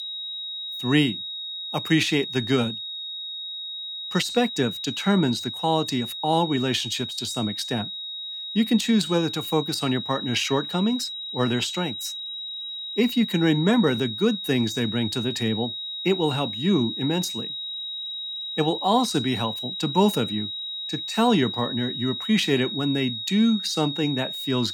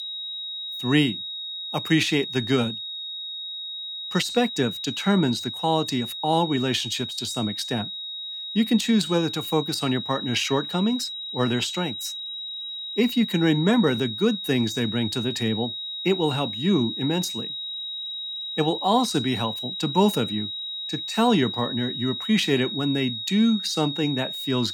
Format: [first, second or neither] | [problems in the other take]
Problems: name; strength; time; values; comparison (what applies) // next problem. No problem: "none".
neither | high-pitched whine; loud; throughout; 4 kHz, 6 dB below the speech; the same in both